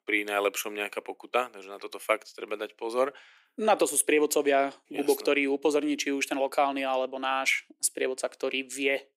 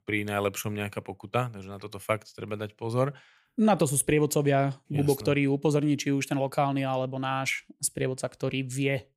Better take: second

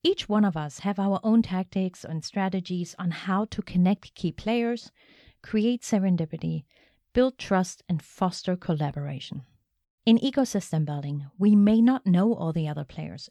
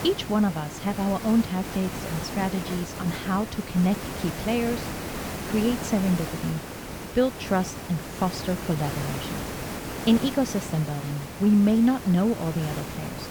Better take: first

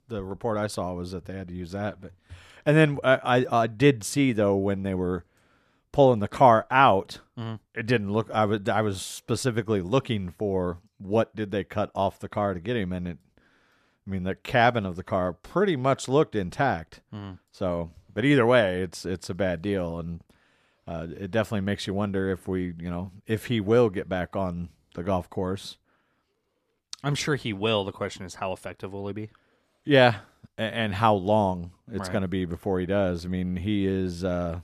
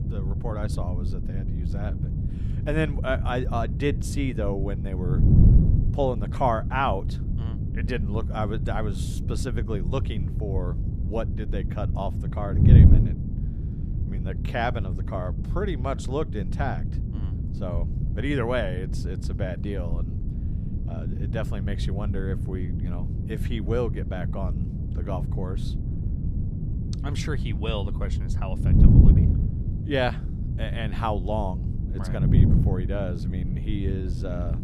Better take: first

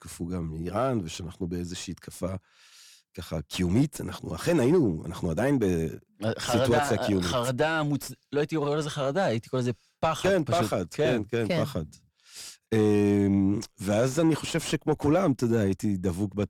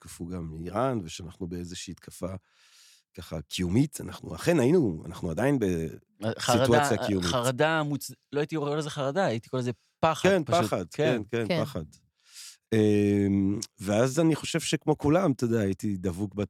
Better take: second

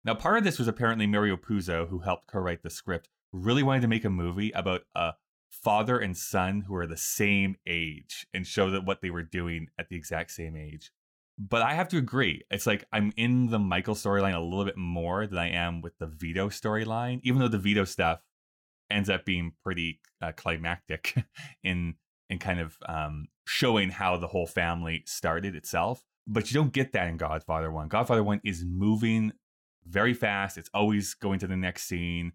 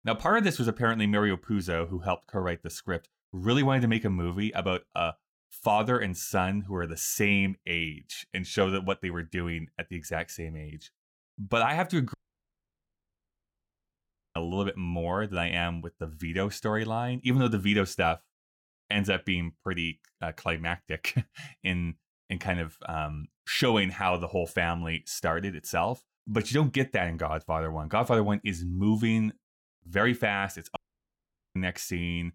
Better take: first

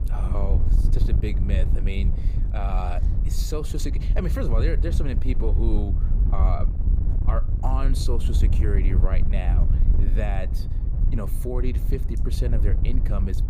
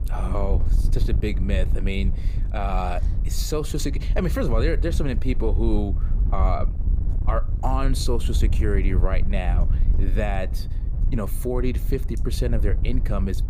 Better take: second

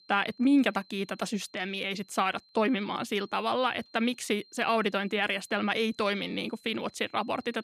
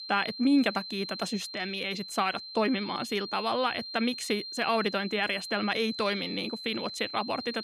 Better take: first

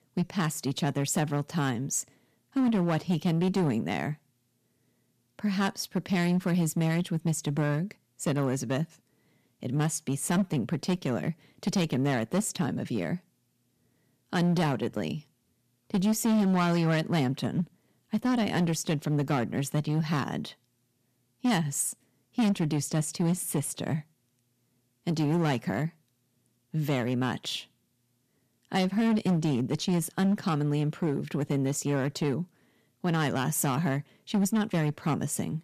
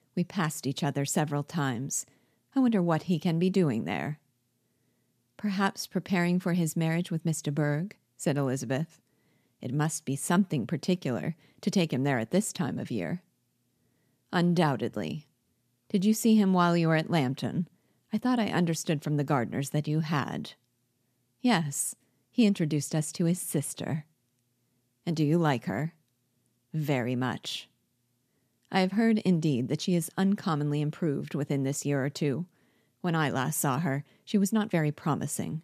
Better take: second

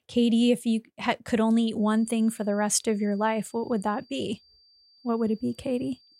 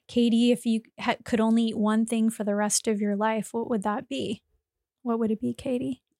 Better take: second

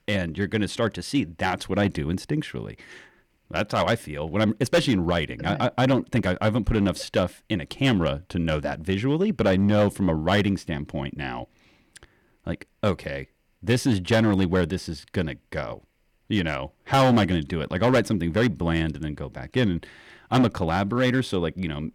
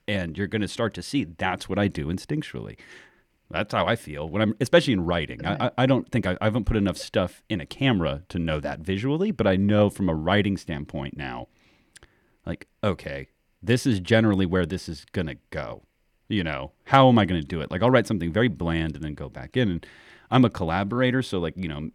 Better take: second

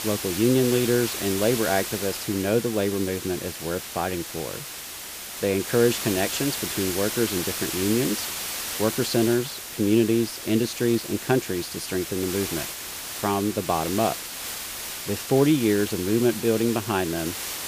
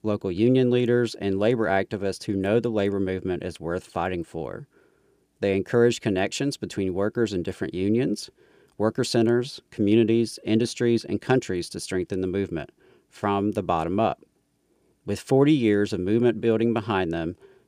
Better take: second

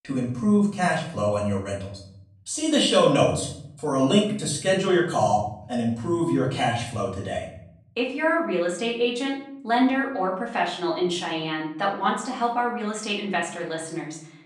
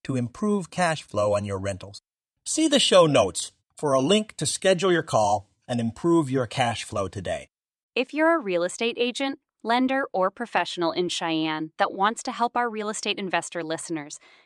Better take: second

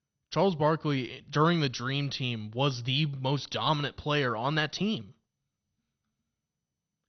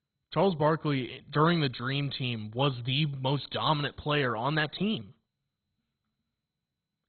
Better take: first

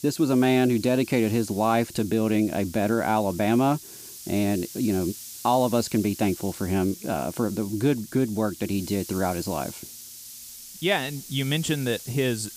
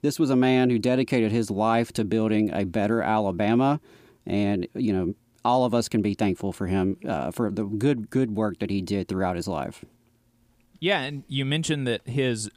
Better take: second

